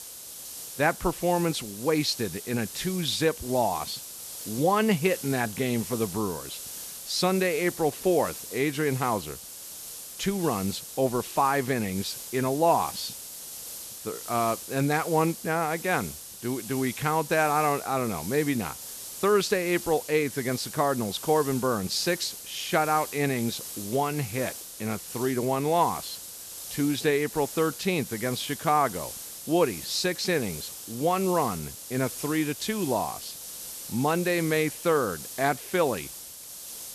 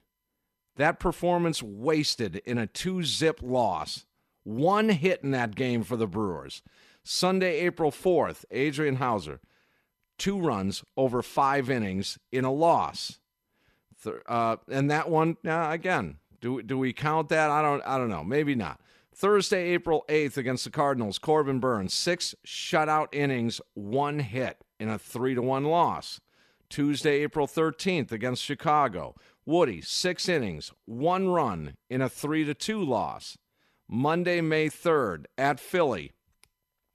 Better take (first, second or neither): second